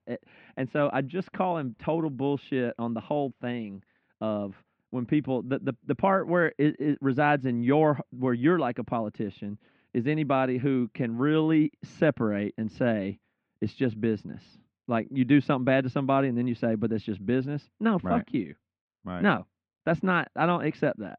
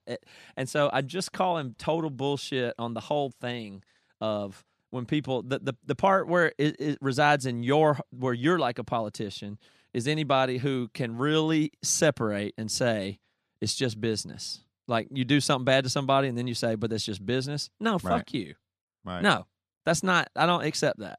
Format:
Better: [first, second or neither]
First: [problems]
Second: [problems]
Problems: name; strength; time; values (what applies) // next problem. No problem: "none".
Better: second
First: muffled; very; fading above 2.5 kHz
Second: none